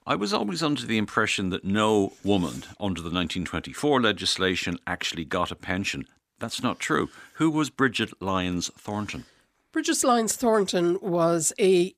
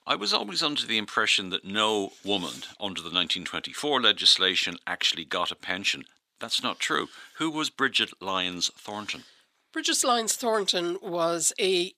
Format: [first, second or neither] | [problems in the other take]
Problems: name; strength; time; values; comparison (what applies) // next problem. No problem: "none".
first | thin; very slightly; fading below 550 Hz